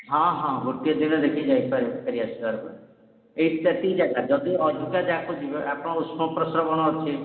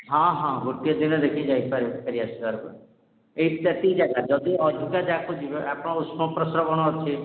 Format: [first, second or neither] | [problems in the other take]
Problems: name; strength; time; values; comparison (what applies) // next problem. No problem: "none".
second | room echo; dies away in 1.5 s